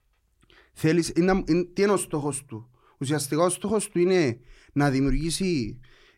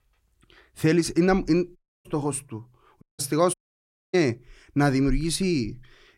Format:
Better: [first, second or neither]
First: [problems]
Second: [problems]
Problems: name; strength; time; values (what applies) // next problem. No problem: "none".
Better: first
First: none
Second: audio cutting out; at 2 s, at 3 s and at 3.5 s for 0.5 s